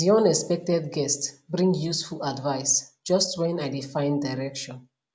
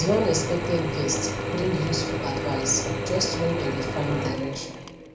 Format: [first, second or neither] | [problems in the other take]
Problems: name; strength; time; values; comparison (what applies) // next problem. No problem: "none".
first | background sound (Drill / Mechanisms); 1 dB below the speech // room echo; dies away in 0.4 s